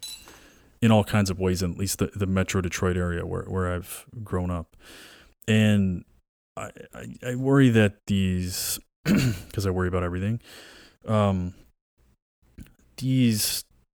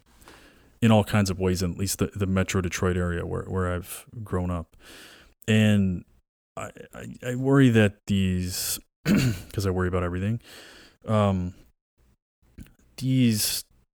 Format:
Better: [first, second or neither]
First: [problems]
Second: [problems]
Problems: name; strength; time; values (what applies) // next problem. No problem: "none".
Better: second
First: clattering dishes; faint; at the start; peak 15 dB below the speech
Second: none